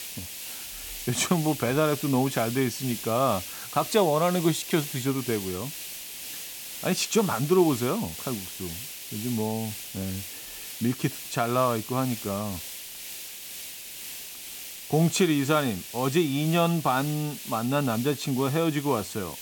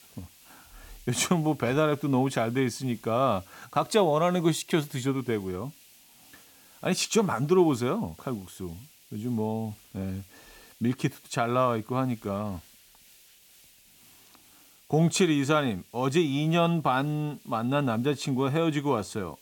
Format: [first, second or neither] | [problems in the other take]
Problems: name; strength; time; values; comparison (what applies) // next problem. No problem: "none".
second | hiss; loud; throughout; 9 dB below the speech; faint in the second